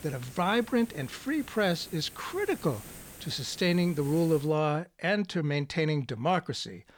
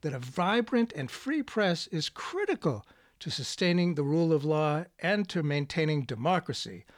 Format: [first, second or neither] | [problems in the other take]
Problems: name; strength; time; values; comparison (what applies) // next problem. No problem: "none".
second | hiss; noticeable; until 4.5 s; 15 dB below the speech